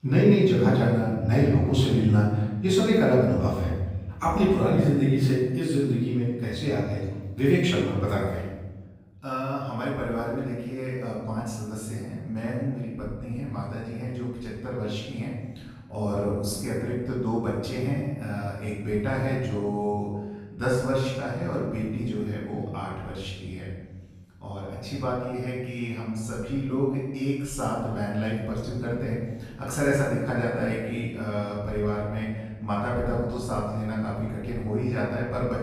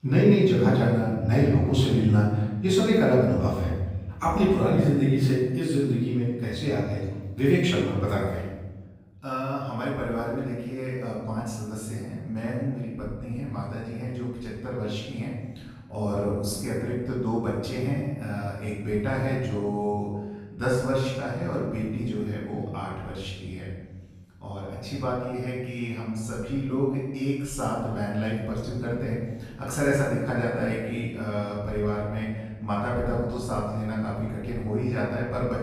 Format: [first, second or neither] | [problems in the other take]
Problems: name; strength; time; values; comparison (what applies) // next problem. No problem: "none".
neither | off-mic speech; far; the same in both // room echo; noticeable; dies away in 1.2 s; the same in both